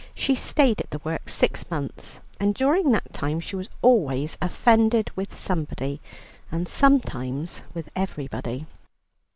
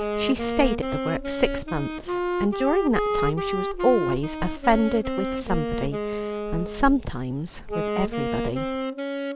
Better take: first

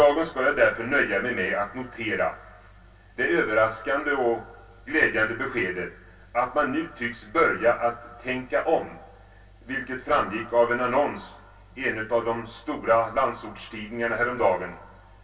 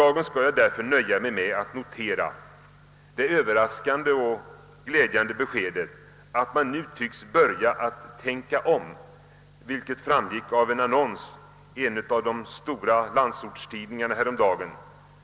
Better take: second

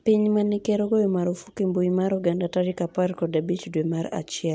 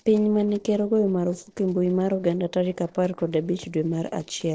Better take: first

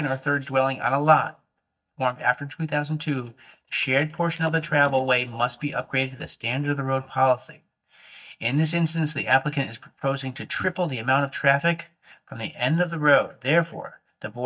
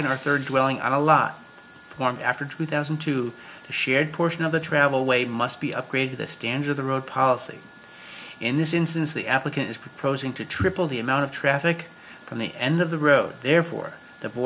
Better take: second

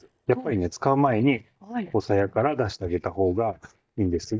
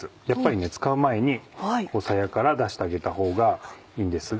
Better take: second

